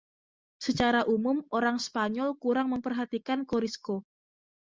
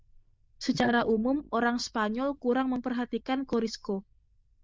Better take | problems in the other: first | noise reduction (neural diffusion model UNIVERSE++)

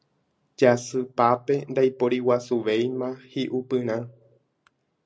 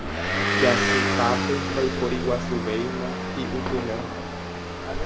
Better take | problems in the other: first | background sound (Motor vehicle (road) / Engine); 2 dB above the speech

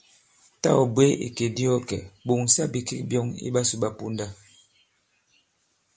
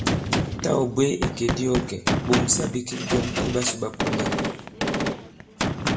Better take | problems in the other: first | background sound (Gunshot, gunfire); 1 dB above the speech // room echo; dies away in 0.6 s

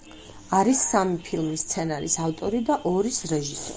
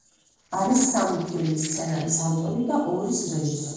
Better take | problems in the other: first | noise reduction (neural separator model SepFormer DNS4)

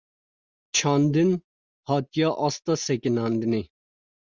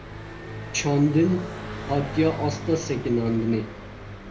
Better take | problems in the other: first | background sound (Car passing by); 9 dB below the speech // room echo; dies away in 0.3 s

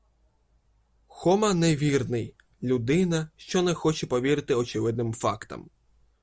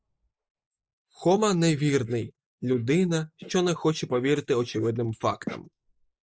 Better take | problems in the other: first | noise reduction (neural mask model Resemble Enhance denoiser)

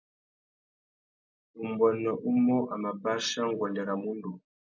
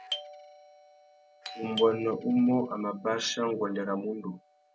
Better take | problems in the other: first | background sound (Doorbell); 14 dB below the speech

